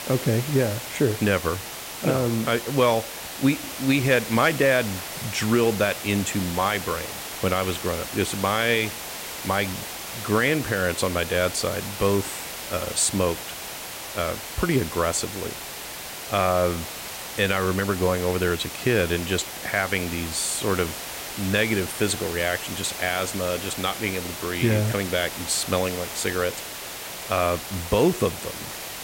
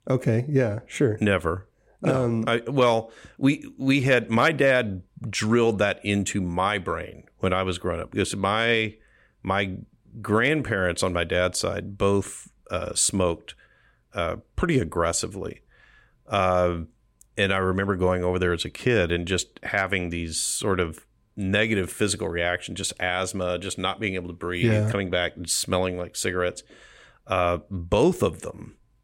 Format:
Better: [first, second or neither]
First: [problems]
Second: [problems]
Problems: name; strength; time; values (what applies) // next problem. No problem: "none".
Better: second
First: hiss; loud; throughout; 8 dB below the speech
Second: none